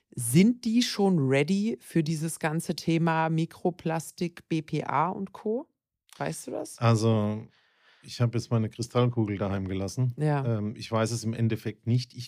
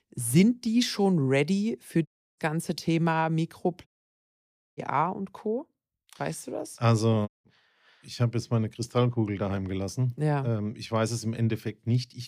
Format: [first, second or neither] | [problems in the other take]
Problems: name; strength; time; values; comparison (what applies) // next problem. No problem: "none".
first | audio cutting out; at 2 s, at 4 s for 1 s and at 7.5 s